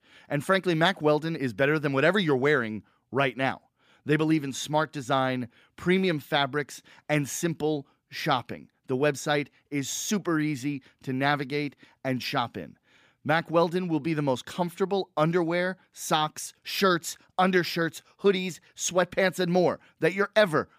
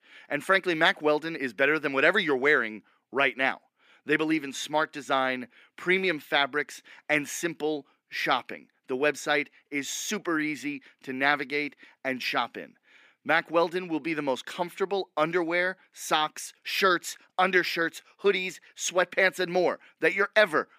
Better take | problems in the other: first | thin; somewhat; fading below 300 Hz

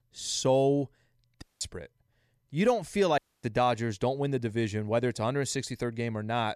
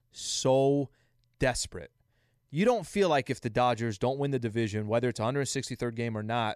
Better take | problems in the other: second | audio cutting out; at 1.5 s and at 3 s

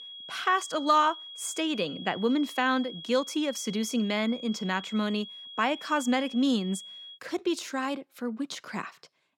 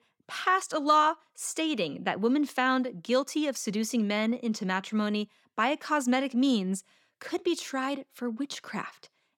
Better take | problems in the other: second | high-pitched whine; noticeable; until 7 s; 3.5 kHz, 10 dB below the speech

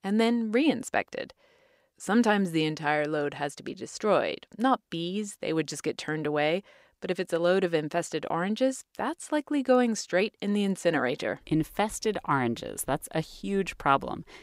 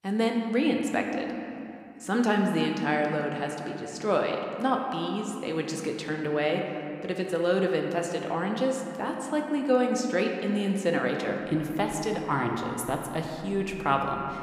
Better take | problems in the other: first | room echo; slight; dies away in 2.4 s

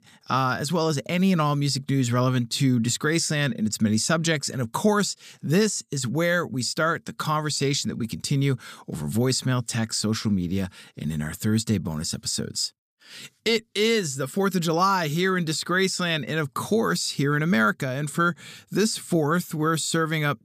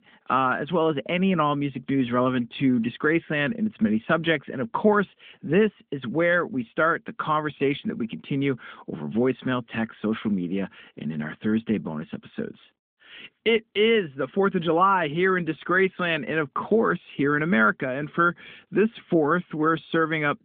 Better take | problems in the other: first | phone-call audio; nothing above 3.5 kHz

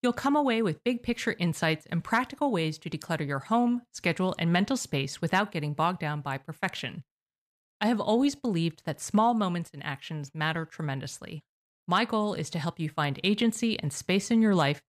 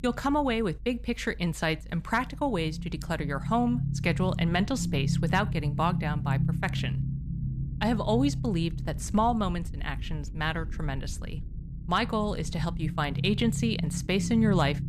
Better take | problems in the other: first | low rumble; noticeable; throughout; 15 dB below the speech

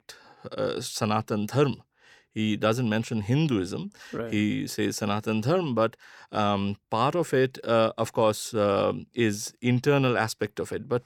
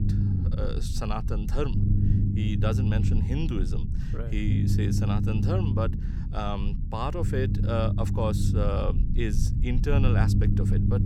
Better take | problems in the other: first | low rumble; loud; throughout; 5 dB below the speech

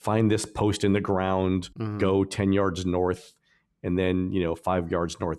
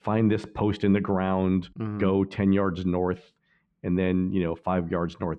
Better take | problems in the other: first | muffled; slightly; fading above 2.5 kHz

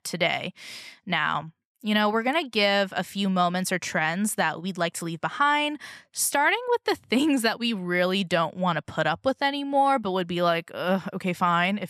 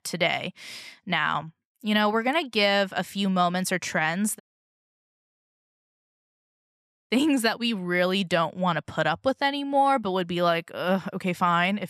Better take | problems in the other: first | audio cutting out; at 4.5 s for 2.5 s

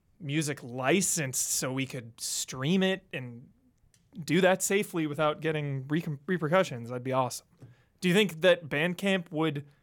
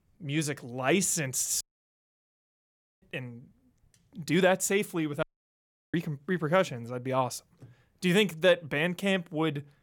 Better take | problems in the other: first | audio cutting out; at 1.5 s for 1.5 s and at 5 s for 0.5 s

